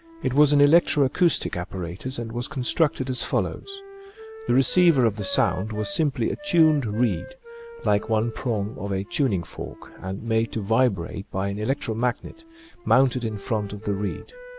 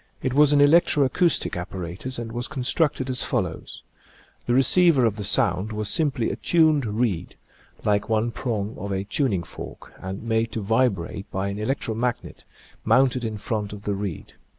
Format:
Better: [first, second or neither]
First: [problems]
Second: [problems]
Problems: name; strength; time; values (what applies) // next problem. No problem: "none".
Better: second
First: background sound (Wind instrument, woodwind instrument); 19 dB below the speech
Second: none